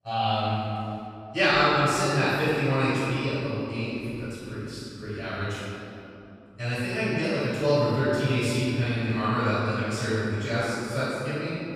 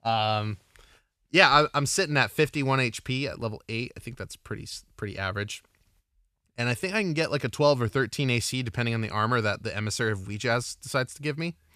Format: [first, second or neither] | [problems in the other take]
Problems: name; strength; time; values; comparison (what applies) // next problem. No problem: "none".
second | off-mic speech; far // room echo; strong; dies away in 2.9 s